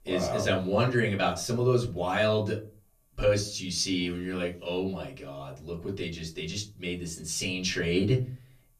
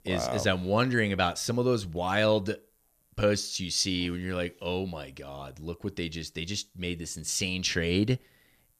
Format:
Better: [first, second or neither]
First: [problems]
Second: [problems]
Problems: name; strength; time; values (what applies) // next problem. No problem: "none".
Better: second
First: off-mic speech; far // room echo; very slight; dies away in 0.3 s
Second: none